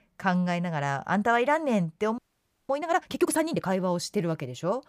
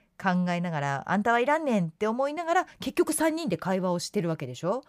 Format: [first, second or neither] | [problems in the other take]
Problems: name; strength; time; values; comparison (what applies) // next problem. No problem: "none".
second | audio freezing; at 2 s for 0.5 s